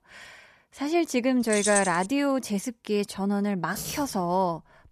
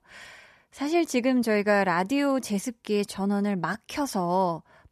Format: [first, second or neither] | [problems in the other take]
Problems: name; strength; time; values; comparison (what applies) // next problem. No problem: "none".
second | jangling keys; noticeable; at 1.5 s and at 4 s; peak 1 dB below the speech